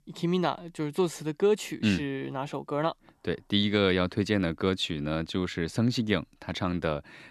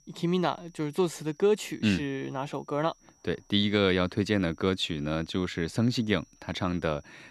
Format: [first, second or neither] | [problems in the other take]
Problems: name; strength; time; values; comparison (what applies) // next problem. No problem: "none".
first | high-pitched whine; faint; throughout; 5.5 kHz, 30 dB below the speech